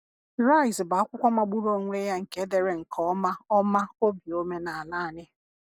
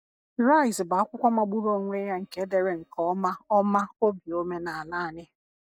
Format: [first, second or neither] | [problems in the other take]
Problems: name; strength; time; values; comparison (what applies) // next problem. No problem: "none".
first | noise reduction (neural mask model DeepFilterNet 3)